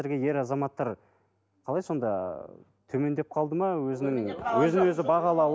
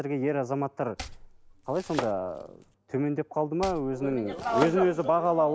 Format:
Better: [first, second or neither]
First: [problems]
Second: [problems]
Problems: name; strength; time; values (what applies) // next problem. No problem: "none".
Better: first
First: none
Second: background sound (Domestic sounds, home sounds); 12 dB below the speech